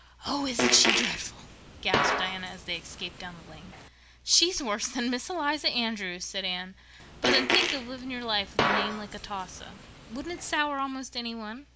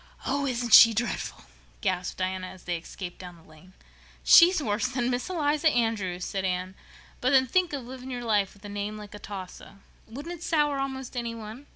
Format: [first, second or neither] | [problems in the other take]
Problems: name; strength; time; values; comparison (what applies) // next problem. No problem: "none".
second | background sound (Fart); as loud as the speech